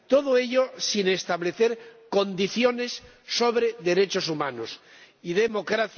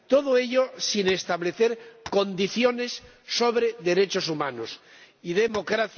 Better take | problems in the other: first | background sound (Tap); 19 dB below the speech

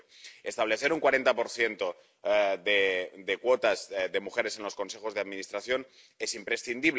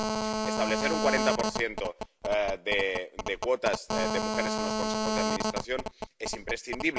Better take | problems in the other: first | background sound (Telephone); as loud as the speech

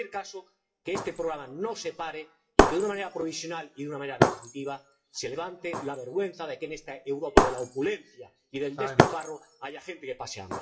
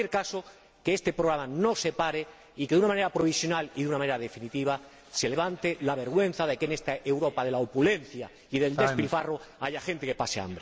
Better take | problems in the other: second | noise reduction (classical method WPE with log-MMSE)

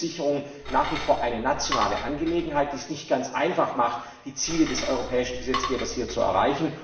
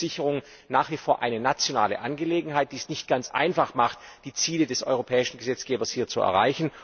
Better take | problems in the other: second | background sound (Cutlery, silverware / Dishes, pots, and pans); 8 dB below the speech // room echo; dies away in 1 s

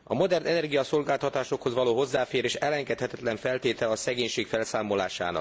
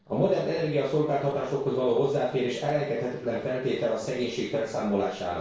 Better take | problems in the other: first | noise reduction (neural separator model SepFormer DNS4)

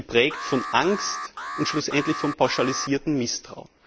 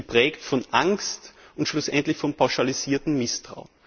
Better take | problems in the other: second | background sound (Alarm); 9 dB below the speech

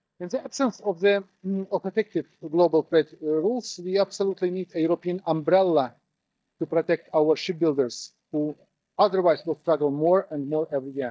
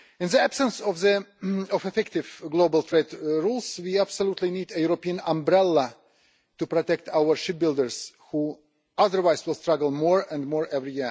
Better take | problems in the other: second | noise reduction (neural mask model DeepFilterNet 3)

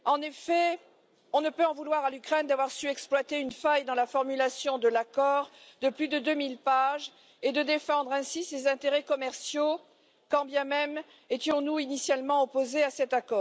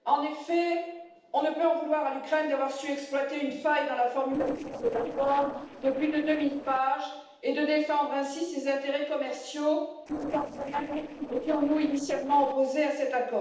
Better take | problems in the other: first | noise reduction (neural separator model SepFormer DNS4)

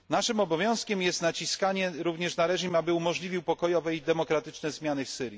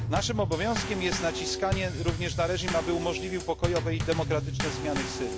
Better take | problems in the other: first | background sound (Bass drum / Snare drum / Drum kit); 2 dB below the speech

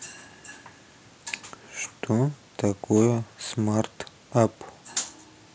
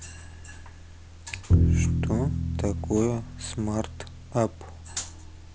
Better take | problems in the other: first | background sound (Bowed string instrument); 3 dB above the speech

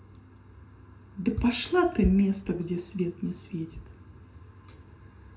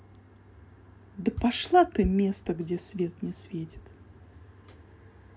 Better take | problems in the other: second | room echo; dies away in 0.5 s

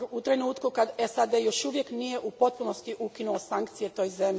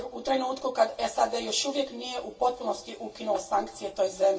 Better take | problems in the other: first | room echo; dies away in 0.2 s

